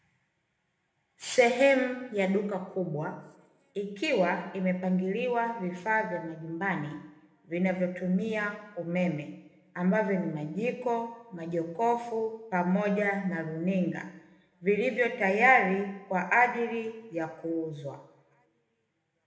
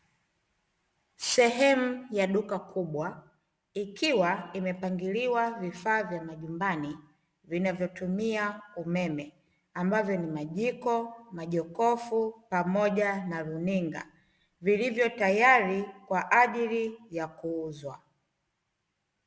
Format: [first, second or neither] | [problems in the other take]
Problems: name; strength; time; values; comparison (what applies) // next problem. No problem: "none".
second | room echo; dies away in 0.9 s